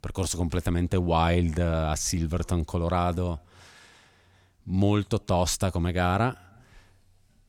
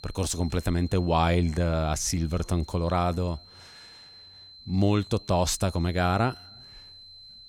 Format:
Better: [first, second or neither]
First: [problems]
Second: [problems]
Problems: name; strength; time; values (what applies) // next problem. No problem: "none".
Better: first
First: none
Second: high-pitched whine; faint; throughout; 4 kHz, 20 dB below the speech